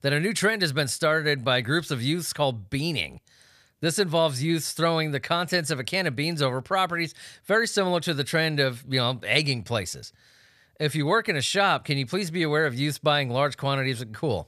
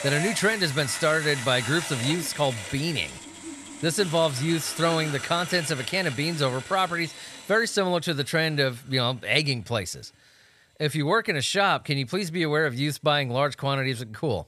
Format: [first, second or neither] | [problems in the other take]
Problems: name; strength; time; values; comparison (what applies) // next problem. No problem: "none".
first | machinery noise; loud; throughout; 10 dB below the speech